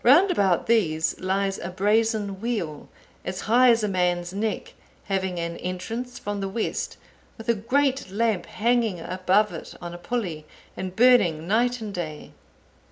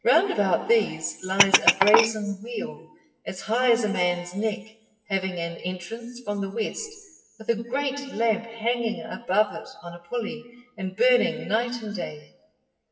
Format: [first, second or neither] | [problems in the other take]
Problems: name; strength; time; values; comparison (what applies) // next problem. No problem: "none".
first | noise reduction (classical method WPE with log-MMSE)